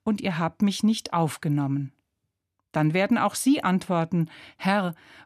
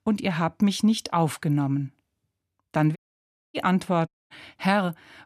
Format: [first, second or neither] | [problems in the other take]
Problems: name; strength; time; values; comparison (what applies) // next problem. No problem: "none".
first | audio cutting out; at 3 s for 0.5 s and at 4 s